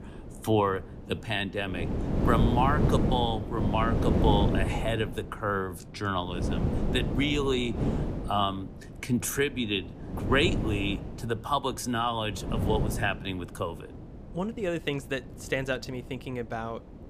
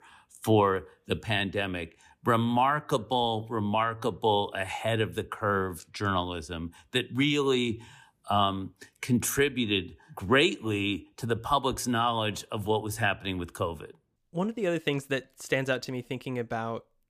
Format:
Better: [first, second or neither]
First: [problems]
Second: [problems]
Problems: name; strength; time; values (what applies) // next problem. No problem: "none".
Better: second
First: wind noise on the microphone; heavy; 6 dB below the speech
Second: none